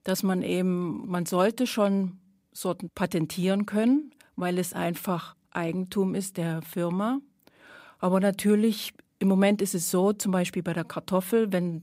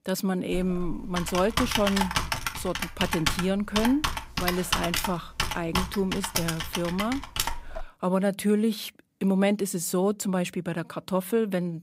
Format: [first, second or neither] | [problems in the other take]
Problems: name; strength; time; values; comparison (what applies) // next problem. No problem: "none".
first | keyboard typing; loud; from 0.5 to 8 s; peak 2 dB above the speech